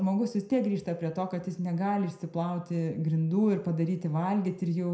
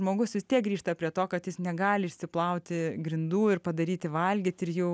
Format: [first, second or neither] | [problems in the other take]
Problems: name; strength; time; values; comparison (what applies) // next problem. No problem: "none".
second | room echo; dies away in 0.5 s